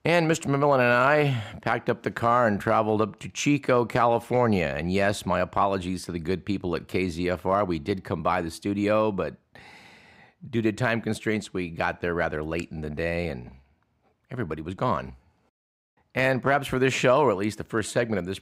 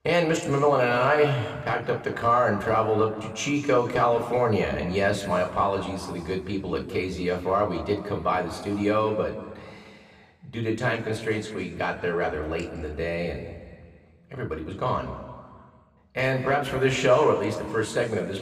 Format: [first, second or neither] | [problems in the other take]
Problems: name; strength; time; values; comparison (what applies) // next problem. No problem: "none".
first | room echo; slight; dies away in 1.7 s // off-mic speech; somewhat distant